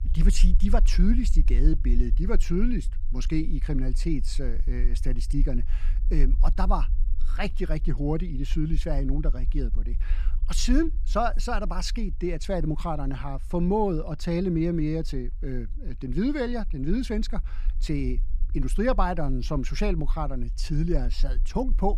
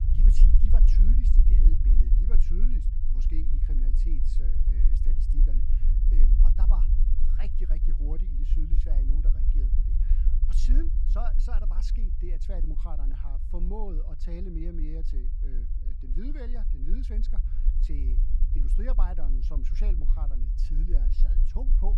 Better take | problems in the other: first | low rumble; loud; throughout; 3 dB below the speech; faint in the first

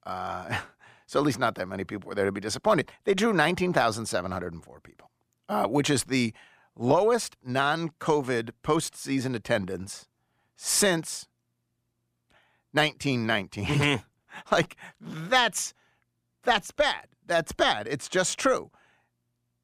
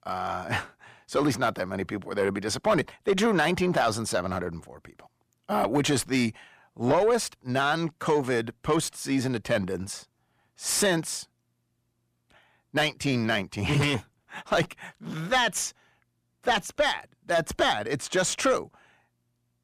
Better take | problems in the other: first | distortion; slight; 10 dB below the speech

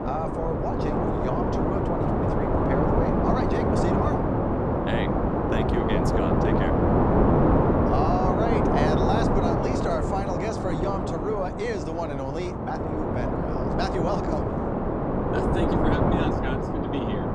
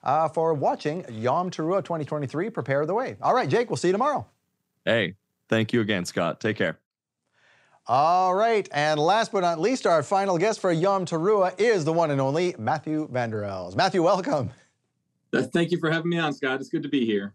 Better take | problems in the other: second | wind noise on the microphone; heavy; 5 dB above the speech

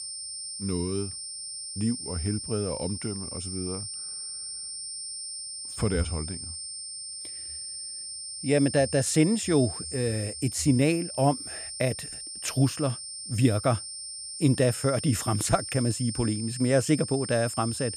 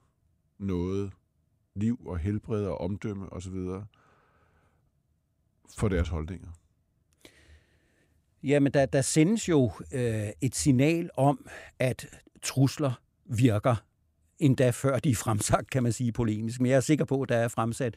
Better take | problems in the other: second | high-pitched whine; loud; throughout; 9 kHz, 7 dB below the speech

